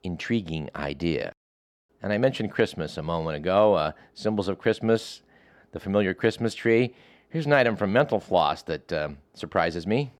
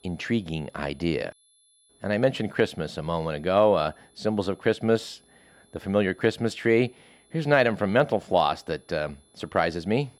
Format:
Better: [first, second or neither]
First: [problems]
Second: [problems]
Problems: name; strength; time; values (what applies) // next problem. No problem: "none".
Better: first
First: none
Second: high-pitched whine; faint; throughout; 11 kHz, 35 dB below the speech